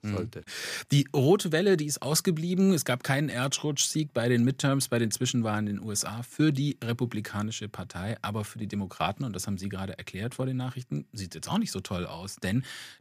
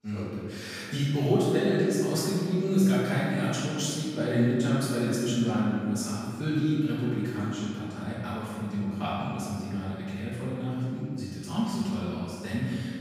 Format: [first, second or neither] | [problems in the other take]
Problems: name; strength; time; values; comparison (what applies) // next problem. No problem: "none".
first | room echo; strong; dies away in 2.3 s // off-mic speech; far